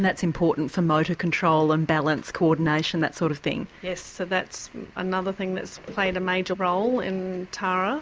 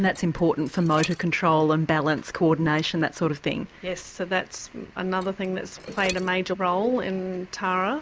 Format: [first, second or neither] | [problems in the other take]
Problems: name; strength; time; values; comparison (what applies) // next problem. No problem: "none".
first | background sound (Dishes, pots, and pans); 16 dB below the speech